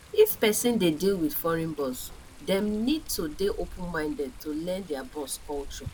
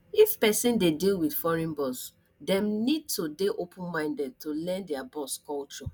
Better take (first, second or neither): second